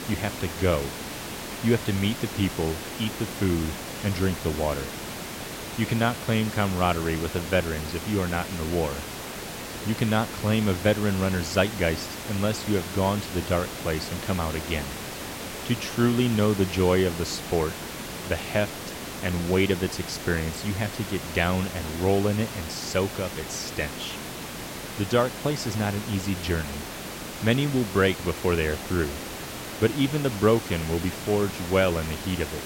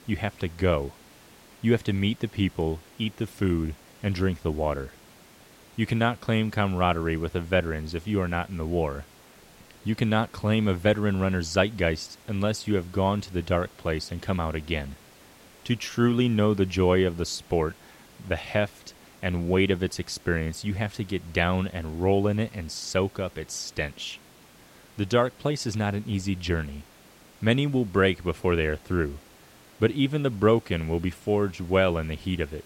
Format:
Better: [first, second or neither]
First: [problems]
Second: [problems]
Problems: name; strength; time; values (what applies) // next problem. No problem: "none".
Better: second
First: hiss; loud; throughout; 8 dB below the speech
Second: hiss; faint; throughout; 25 dB below the speech